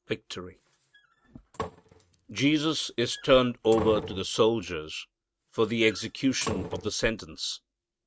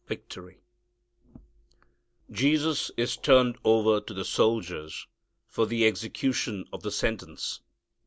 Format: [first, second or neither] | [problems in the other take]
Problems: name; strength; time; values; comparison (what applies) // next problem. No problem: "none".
second | noise reduction (neural mask model RNNoise)